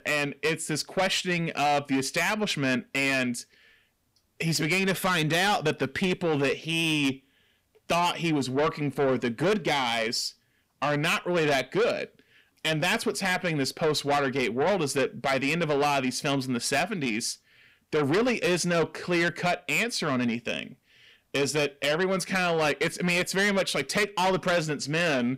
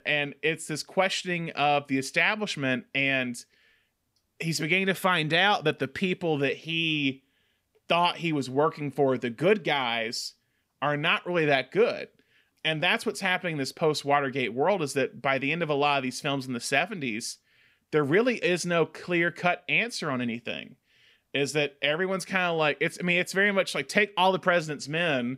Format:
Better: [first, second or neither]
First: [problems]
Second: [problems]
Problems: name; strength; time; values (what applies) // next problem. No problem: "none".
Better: second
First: distortion; heavy; 7 dB below the speech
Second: none